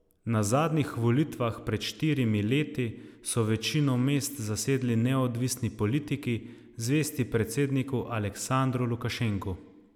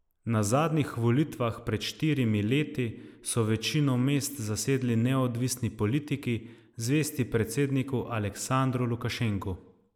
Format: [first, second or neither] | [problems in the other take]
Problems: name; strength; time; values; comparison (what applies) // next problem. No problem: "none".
first | noise reduction (neural mask model Resemble Enhance denoiser)